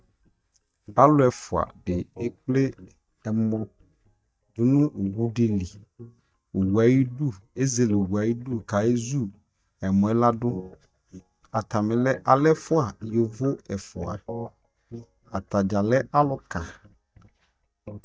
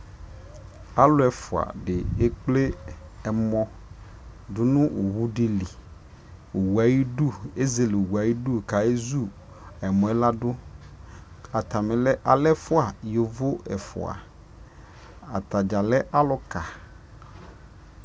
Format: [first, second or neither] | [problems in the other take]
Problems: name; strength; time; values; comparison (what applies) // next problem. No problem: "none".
second | noise reduction (neural mask model DeepFilterNet 3)